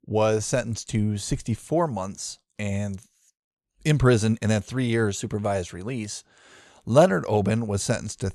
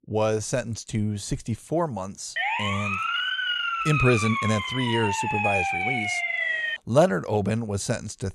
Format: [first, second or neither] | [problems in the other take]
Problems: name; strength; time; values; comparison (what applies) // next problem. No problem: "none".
first | siren; loud; from 2.5 to 7 s; peak 3 dB above the speech